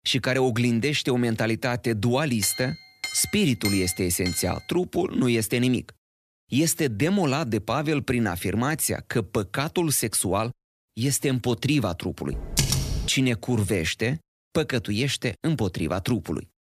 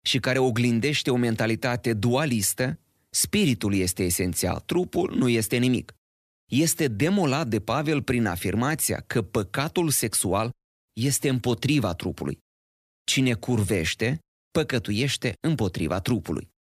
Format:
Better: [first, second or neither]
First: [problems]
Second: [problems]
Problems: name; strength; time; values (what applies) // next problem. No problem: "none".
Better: second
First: clattering dishes; noticeable; from 2.5 to 4.5 s; peak 5 dB below the speech // keyboard typing; loud; at 12 s; peak 2 dB above the speech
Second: none